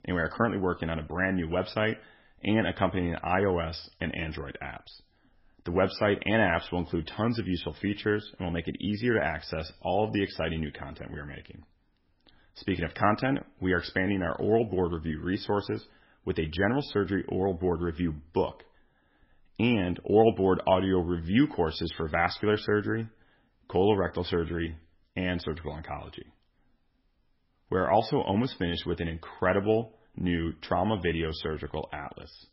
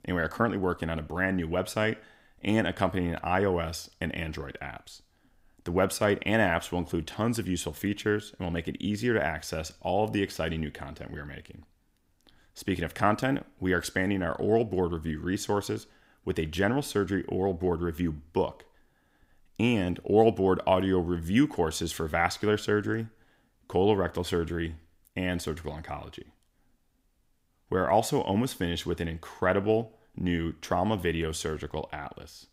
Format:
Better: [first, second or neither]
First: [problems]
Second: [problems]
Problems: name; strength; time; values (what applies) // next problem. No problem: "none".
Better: second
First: garbled, watery; badly; nothing above 5.5 kHz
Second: none